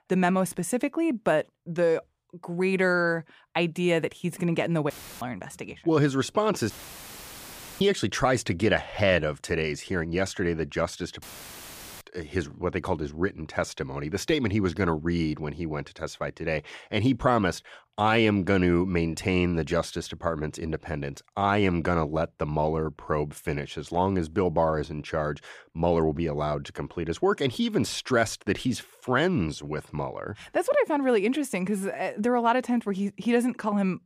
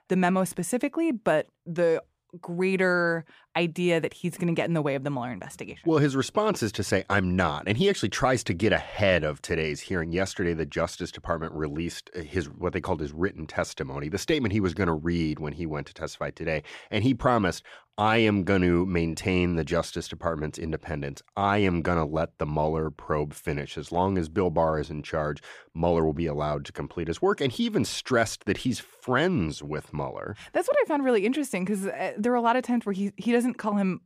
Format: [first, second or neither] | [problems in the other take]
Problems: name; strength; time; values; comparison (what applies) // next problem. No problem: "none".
second | audio cutting out; filled with static; at 5 s, at 6.5 s for 1 s and at 11 s for 1 s